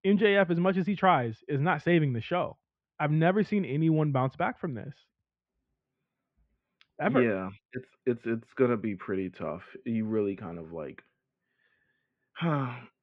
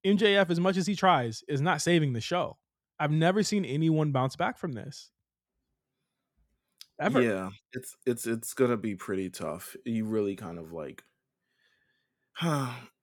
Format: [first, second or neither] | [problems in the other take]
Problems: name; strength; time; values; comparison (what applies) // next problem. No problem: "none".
second | muffled; very; fading above 2.5 kHz